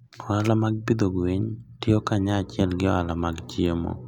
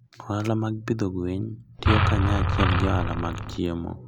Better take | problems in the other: first | background sound (Engine); 4 dB above the speech

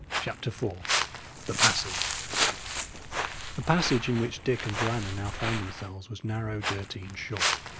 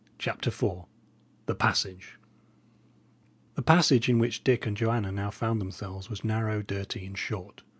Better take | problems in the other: second | background sound (Walk, footsteps); as loud as the speech

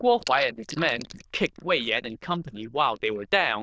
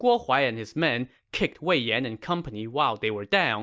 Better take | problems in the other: second | noise reduction (neural diffusion model UNIVERSE++)

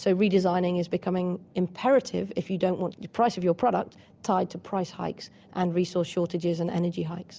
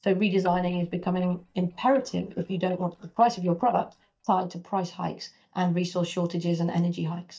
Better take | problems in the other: first | noise reduction (neural mask model DeepFilterNet 3)

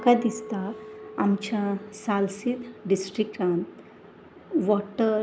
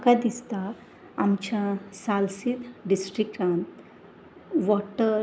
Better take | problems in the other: second | background sound (Chink, clink); 18 dB below the speech

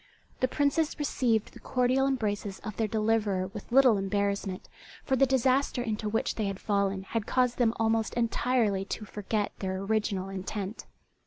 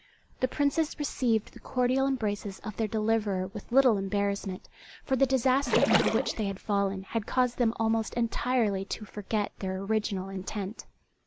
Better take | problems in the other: first | background sound (Splash, splatter); as loud as the speech

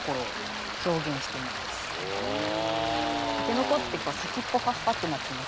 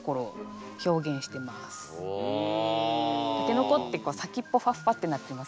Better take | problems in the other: second | background sound (Stream); 4 dB below the speech

